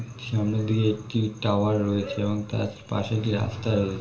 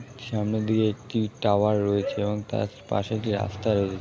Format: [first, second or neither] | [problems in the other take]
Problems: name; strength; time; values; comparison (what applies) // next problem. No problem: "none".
second | room echo; dies away in 0.5 s